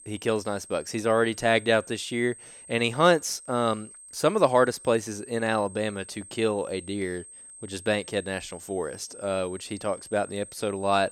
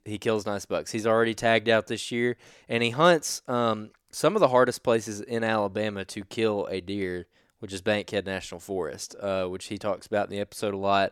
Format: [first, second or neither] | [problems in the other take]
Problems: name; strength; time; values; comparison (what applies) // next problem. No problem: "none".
second | high-pitched whine; noticeable; throughout; 8.5 kHz, 15 dB below the speech